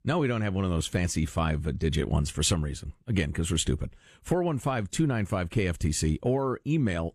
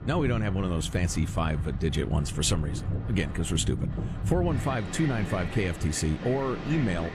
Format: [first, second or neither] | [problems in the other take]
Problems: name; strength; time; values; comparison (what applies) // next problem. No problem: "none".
first | wind in the background; loud; throughout; 6 dB below the speech